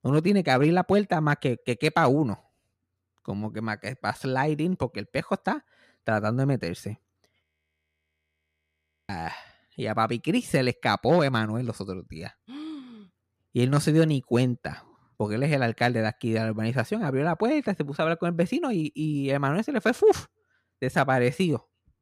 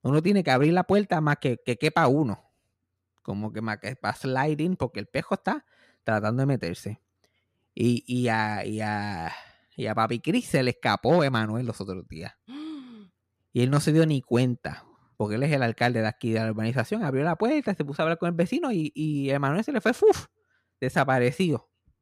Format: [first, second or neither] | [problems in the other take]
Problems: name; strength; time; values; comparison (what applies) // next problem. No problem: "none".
second | audio freezing; at 7.5 s for 1.5 s